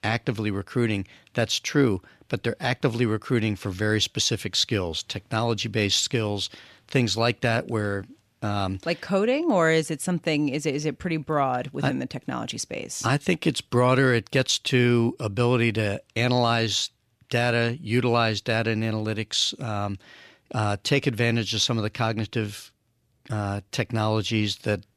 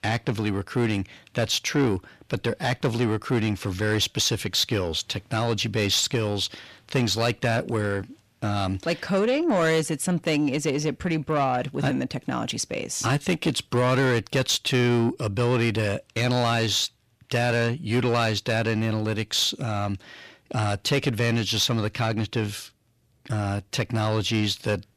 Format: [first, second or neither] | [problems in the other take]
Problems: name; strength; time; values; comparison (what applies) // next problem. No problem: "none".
first | distortion; slight; 10 dB below the speech